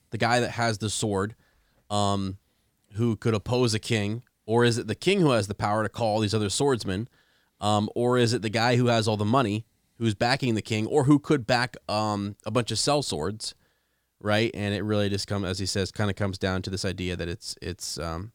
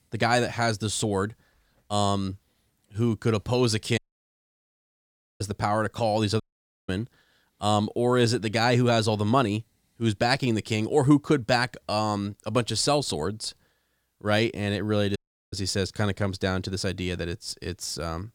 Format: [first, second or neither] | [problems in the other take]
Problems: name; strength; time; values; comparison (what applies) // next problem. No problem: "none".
first | audio cutting out; at 4 s for 1.5 s, at 6.5 s and at 15 s